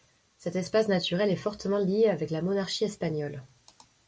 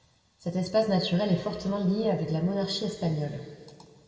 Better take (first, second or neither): first